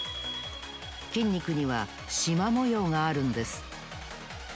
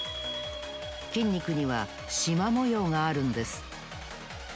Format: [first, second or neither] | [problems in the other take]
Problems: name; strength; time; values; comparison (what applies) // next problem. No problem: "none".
first | background sound (Wind); 16 dB below the speech